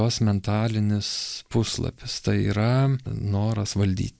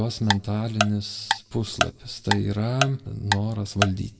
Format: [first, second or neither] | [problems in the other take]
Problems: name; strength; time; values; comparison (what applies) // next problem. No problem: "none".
first | background sound (Tick-tock); 3 dB below the speech // room echo; dies away in 0.7 s